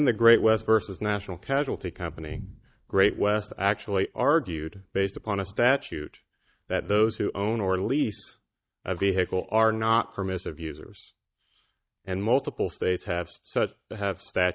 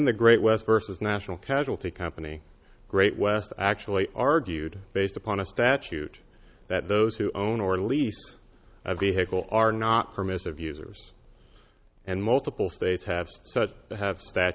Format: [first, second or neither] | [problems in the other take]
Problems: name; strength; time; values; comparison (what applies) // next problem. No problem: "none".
second | noise reduction (neural mask model DeepFilterNet 3)